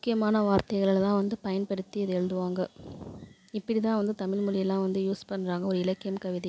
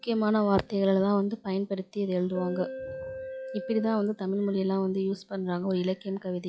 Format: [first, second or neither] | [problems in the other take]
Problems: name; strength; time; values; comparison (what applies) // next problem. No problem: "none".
first | noise reduction (classical method log-MMSE)